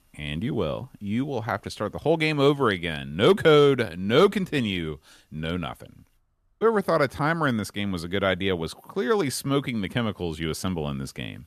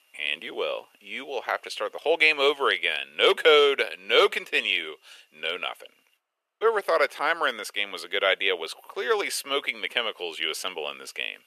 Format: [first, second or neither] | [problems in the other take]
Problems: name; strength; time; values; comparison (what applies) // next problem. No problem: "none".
first | thin; very; fading below 450 Hz